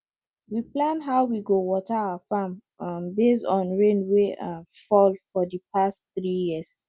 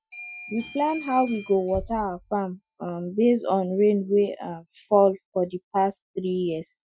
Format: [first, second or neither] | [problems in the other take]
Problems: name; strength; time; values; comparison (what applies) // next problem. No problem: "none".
first | noise reduction (classical method Wiener filter)